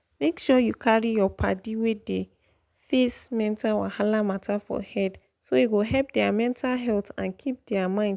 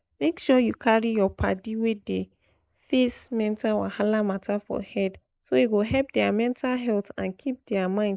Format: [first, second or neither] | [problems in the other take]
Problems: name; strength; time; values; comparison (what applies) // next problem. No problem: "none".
first | noise reduction (neural mask model Resemble Enhance denoiser)